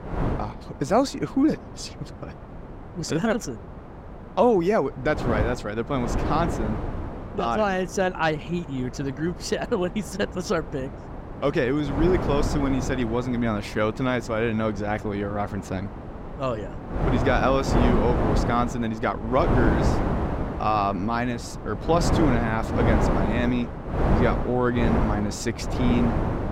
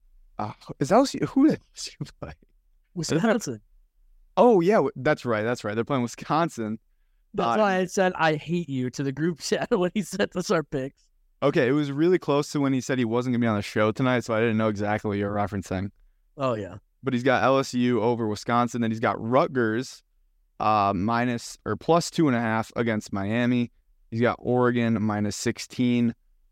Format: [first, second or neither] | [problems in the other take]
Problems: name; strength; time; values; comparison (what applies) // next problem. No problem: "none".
second | wind noise on the microphone; heavy; 5 dB below the speech